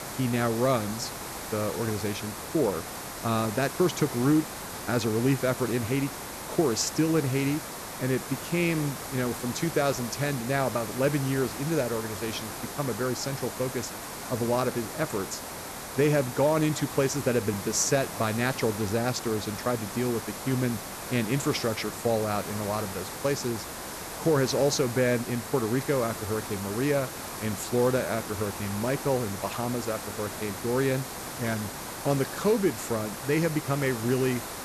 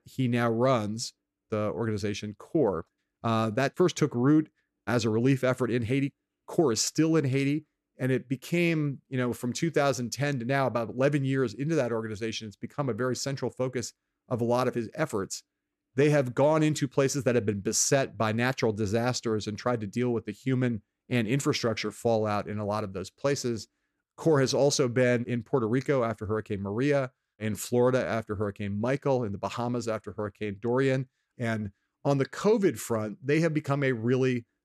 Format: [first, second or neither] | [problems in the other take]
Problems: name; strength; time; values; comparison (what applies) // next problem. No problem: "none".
second | hiss; loud; throughout; 8 dB below the speech